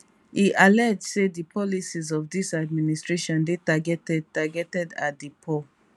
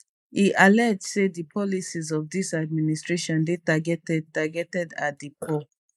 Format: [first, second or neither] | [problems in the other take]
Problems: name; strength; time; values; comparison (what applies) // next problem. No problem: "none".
first | noise reduction (neural mask model Resemble Enhance denoiser)